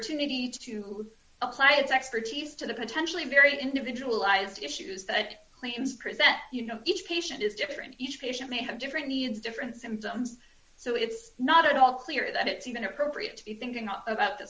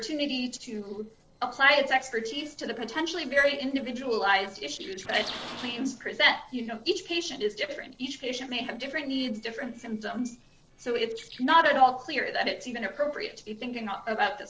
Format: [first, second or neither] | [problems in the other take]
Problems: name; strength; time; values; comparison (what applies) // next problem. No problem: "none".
first | noise reduction (neural separator model SepFormer DNS4)